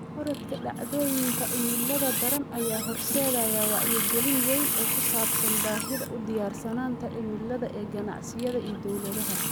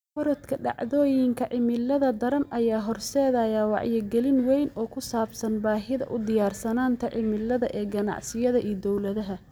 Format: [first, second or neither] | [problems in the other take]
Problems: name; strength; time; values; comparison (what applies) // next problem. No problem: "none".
second | background sound (Water tap, faucet); 2 dB above the speech